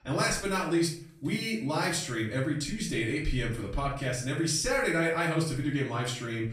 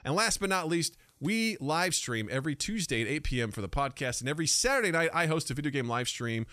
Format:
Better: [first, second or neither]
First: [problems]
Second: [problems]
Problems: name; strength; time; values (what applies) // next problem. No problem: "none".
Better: second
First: off-mic speech; far // room echo; slight; dies away in 0.4 s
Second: none